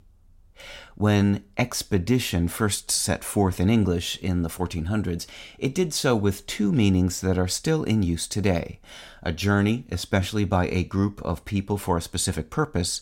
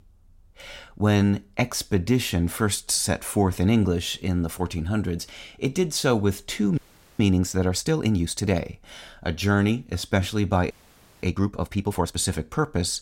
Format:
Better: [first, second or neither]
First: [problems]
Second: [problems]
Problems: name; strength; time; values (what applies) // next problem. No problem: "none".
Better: first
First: none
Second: audio freezing; at 7 s and at 11 s for 0.5 s